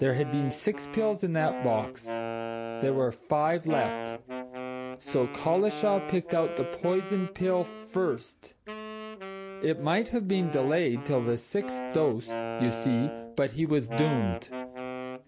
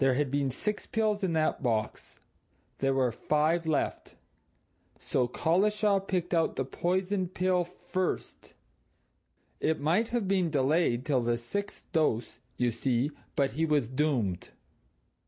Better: second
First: background sound (Wind instrument, woodwind instrument); 8 dB below the speech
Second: none

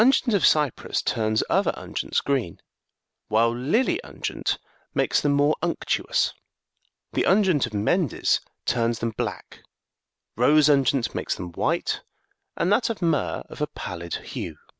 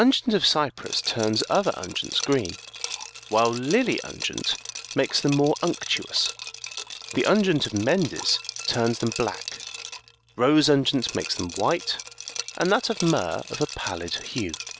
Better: first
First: none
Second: background sound (Liquid); 12 dB below the speech

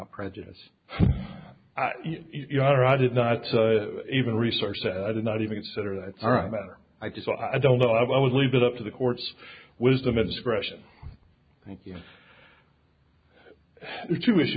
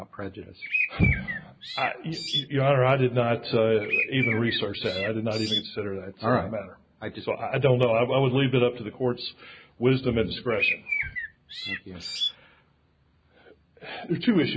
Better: first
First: none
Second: background sound (Bird); 4 dB below the speech

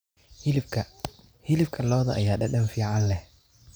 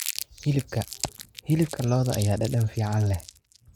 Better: first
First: none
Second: noise reduction (neural mask model RNNoise)

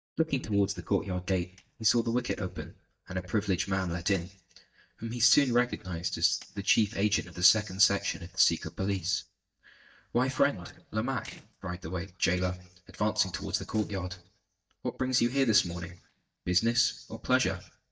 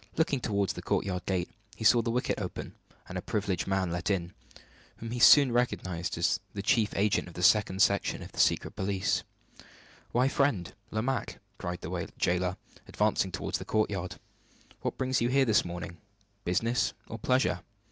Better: second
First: noise reduction (neural mask model DeepFilterNet 3)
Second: none

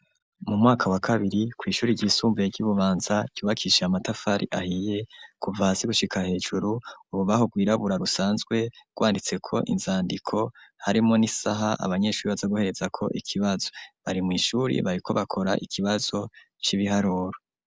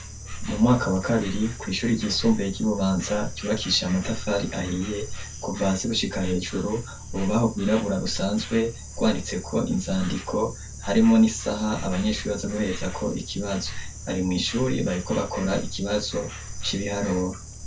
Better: first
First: none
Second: background sound (Insect); 10 dB below the speech // room echo; dies away in 0.2 s

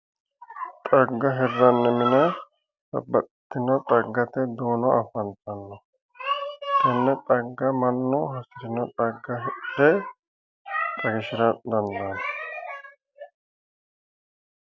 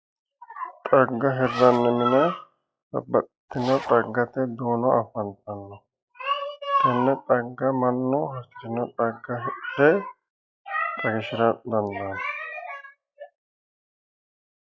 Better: first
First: none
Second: noise reduction (classical method log-MMSE)

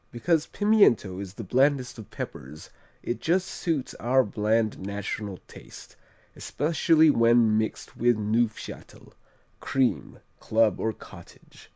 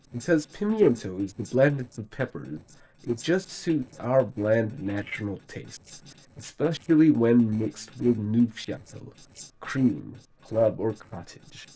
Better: first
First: none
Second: noise reduction (neural separator model SepFormer DNS4)

